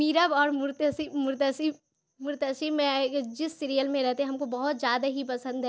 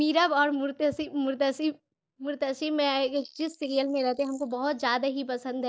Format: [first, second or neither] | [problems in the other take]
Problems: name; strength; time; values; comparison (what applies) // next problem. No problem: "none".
first | noise reduction (neural mask model Resemble Enhance denoiser)